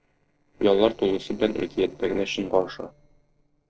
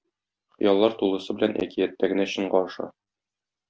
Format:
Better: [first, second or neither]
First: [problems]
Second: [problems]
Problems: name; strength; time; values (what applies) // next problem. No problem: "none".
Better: second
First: noise reduction (neural separator model SepFormer DNS4)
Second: none